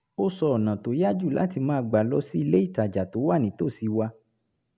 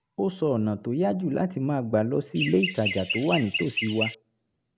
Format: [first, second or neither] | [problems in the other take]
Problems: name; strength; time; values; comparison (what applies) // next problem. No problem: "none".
first | background sound (Chirp, tweet); 4 dB below the speech